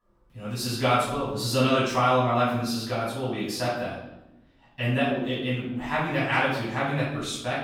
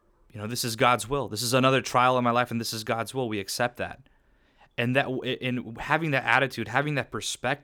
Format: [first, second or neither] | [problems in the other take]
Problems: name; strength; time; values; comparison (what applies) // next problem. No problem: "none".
second | off-mic speech; far // room echo; noticeable; dies away in 0.9 s